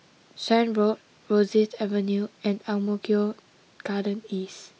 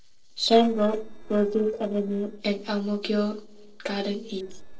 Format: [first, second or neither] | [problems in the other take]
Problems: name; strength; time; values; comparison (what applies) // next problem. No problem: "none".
first | noise reduction (neural separator model SepFormer DNS4)